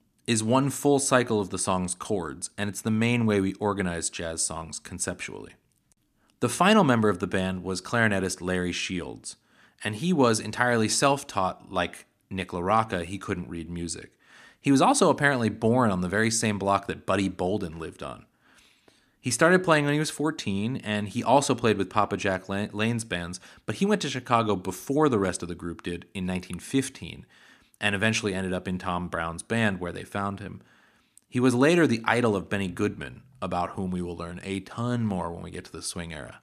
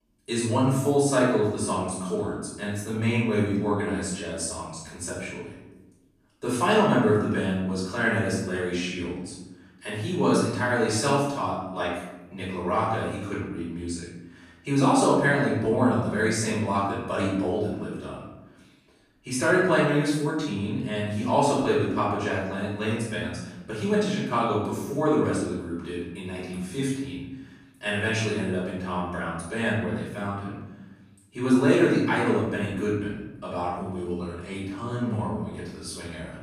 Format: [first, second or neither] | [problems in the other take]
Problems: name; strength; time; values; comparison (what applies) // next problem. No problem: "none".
first | off-mic speech; far // room echo; noticeable; dies away in 0.9 s